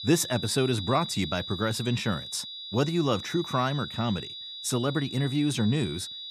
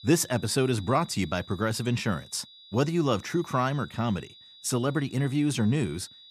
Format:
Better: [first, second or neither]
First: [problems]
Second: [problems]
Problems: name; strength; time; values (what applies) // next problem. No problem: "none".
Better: second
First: high-pitched whine; loud; throughout; 4 kHz, 8 dB below the speech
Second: high-pitched whine; faint; throughout; 4 kHz, 20 dB below the speech